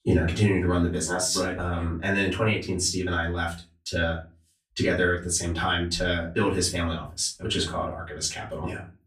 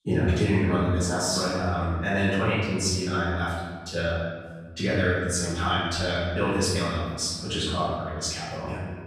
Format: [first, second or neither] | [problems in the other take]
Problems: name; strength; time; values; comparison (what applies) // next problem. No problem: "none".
first | room echo; strong; dies away in 1.6 s; slight in the first // off-mic speech; far; far in the first